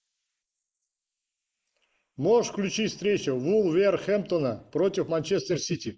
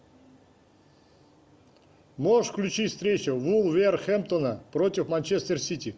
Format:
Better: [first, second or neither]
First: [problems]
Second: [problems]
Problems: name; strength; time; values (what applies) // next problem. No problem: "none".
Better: second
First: noise reduction (neural mask model Resemble Enhance denoiser)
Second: none